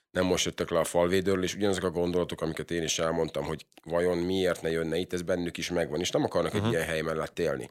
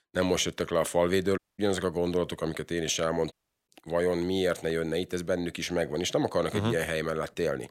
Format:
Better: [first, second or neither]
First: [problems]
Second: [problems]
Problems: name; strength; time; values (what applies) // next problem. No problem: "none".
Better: first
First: none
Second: audio cutting out; at 1.5 s and at 3.5 s